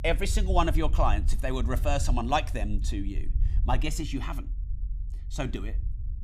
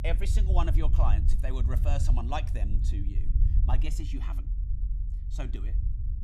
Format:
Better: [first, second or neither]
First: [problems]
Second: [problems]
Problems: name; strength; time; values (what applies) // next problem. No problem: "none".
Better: first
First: low rumble; faint; throughout; 20 dB below the speech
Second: low rumble; loud; throughout; 9 dB below the speech